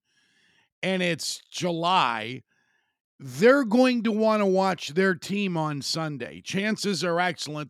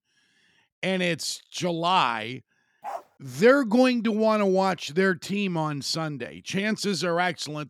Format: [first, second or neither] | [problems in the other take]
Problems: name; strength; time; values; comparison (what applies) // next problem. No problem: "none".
first | dog barking; faint; at 3 s; peak 15 dB below the speech